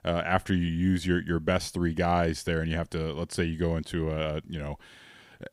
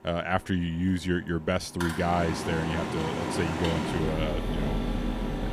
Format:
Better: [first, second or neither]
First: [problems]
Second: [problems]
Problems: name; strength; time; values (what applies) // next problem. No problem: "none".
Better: first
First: none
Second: machinery noise; loud; throughout; 2 dB below the speech